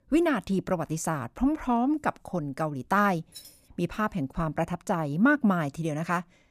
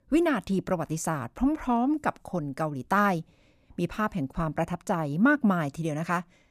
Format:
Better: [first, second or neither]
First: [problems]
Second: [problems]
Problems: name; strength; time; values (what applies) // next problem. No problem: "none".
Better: second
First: jangling keys; faint; at 3.5 s; peak 20 dB below the speech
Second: none